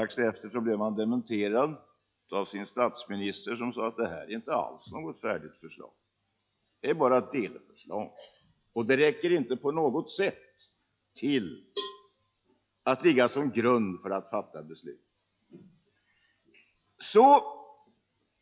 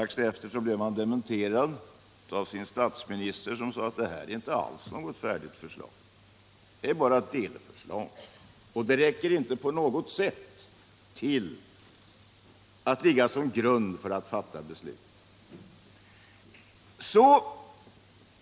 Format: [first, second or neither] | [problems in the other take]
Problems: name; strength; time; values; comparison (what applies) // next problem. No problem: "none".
second | noise reduction (classical method log-MMSE)